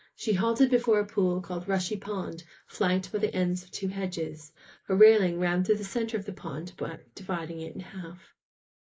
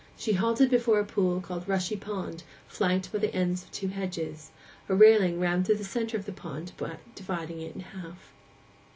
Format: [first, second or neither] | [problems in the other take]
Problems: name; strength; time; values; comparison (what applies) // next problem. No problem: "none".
second | noise reduction (neural mask model Resemble Enhance denoiser)